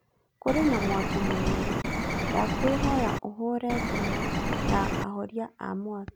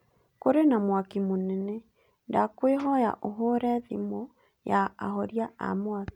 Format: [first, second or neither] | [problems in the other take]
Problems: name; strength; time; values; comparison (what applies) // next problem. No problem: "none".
second | background sound (Bird); 3 dB above the speech